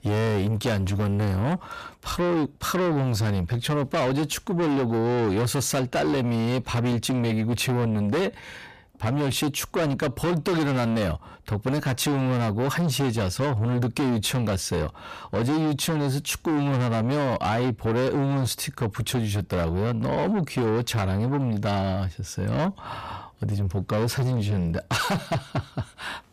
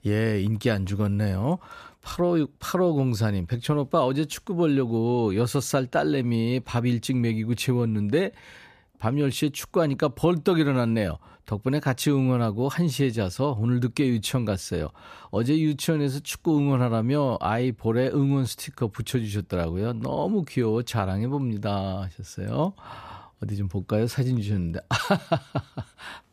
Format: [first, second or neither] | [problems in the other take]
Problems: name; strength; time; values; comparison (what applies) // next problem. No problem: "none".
second | distortion; heavy; 7 dB below the speech